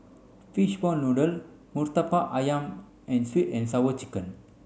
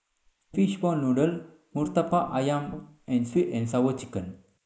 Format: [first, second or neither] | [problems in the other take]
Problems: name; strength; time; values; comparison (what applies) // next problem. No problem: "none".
first | noise reduction (neural mask model Resemble Enhance denoiser)